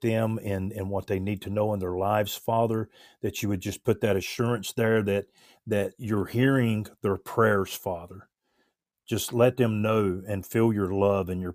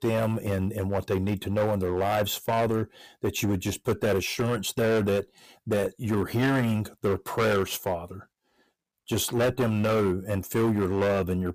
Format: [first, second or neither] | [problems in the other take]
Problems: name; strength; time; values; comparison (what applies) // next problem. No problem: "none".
first | distortion; heavy; 12% of the sound clipped